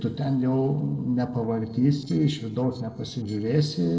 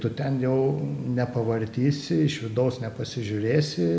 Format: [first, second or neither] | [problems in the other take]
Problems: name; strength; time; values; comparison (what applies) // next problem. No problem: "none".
second | noise reduction (neural separator model SepFormer DNS4)